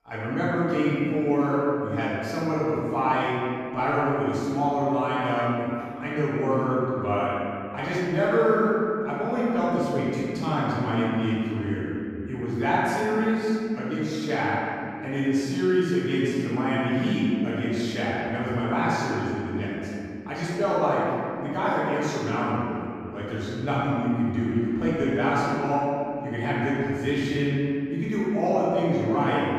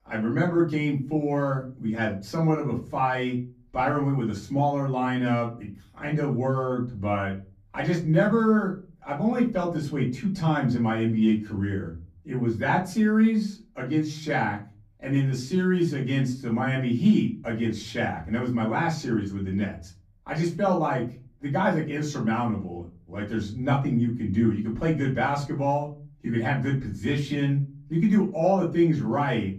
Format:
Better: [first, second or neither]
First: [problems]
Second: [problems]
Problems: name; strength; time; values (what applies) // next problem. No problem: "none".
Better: second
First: room echo; strong; dies away in 2.4 s // off-mic speech; far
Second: room echo; slight; dies away in 0.4 s // off-mic speech; far